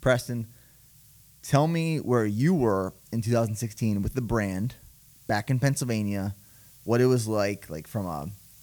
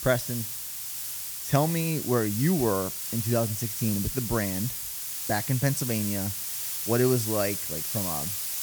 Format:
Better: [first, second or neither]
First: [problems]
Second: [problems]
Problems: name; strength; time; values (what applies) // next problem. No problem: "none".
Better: first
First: hiss; faint; throughout; 25 dB below the speech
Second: hiss; loud; throughout; 2 dB below the speech